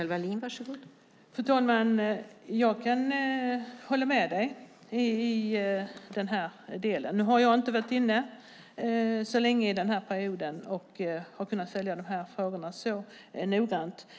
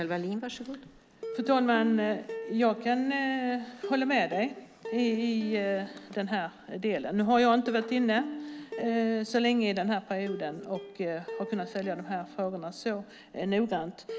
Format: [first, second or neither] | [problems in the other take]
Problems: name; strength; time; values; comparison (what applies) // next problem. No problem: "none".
first | background sound (Plucked string instrument); 13 dB below the speech